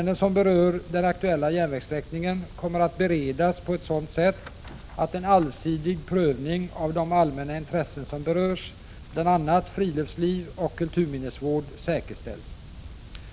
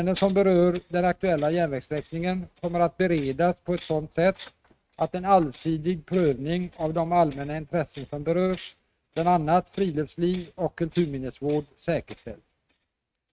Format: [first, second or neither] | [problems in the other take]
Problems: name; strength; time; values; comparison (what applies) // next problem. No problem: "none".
first | noise reduction (neural mask model RNNoise)